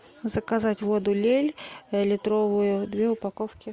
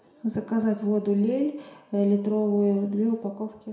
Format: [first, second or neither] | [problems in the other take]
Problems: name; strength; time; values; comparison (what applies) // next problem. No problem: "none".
first | room echo; dies away in 0.6 s